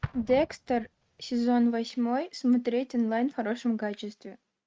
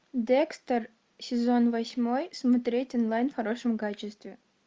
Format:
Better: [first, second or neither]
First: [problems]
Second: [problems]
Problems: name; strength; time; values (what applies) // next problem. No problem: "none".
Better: second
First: noise reduction (neural mask model RNNoise)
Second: none